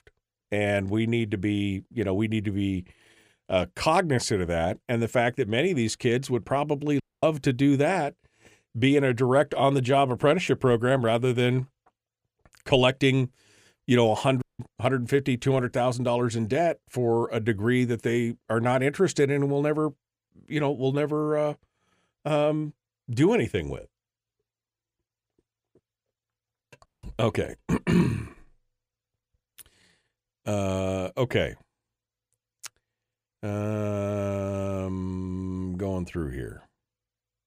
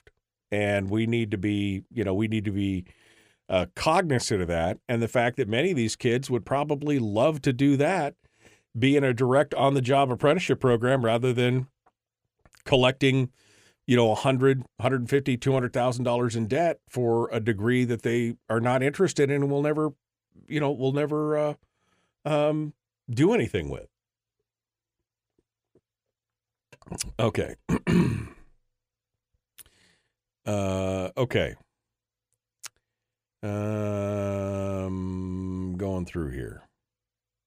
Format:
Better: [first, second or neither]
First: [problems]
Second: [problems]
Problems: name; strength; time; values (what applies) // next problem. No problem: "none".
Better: second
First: audio cutting out; at 7 s, at 14 s and at 27 s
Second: none